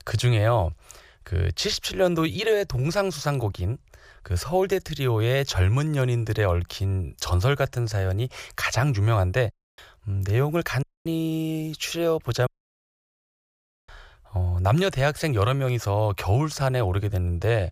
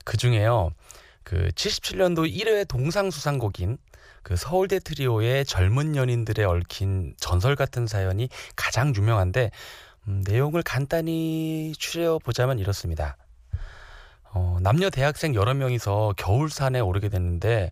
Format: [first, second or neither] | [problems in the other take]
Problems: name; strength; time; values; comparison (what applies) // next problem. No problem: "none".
second | audio cutting out; at 9.5 s, at 11 s and at 12 s for 1.5 s